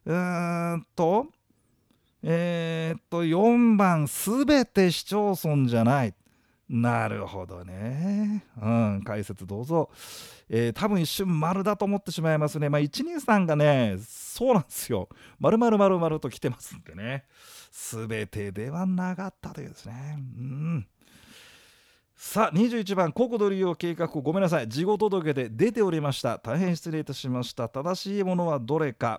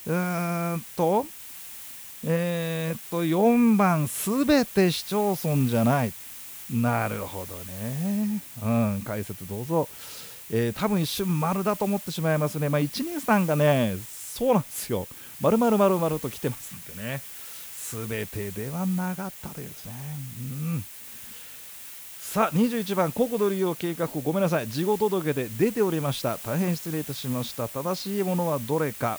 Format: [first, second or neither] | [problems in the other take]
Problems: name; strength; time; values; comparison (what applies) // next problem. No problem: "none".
first | hiss; noticeable; throughout; 10 dB below the speech